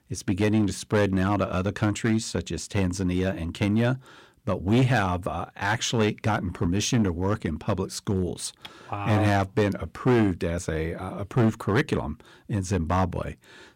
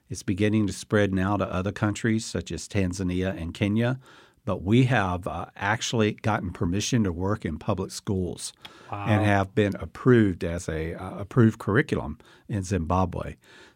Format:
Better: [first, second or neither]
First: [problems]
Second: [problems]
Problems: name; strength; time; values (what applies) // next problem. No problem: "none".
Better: second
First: distortion; slight; 4% of the sound clipped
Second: none